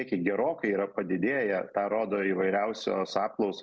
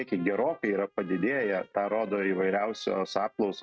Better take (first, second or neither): first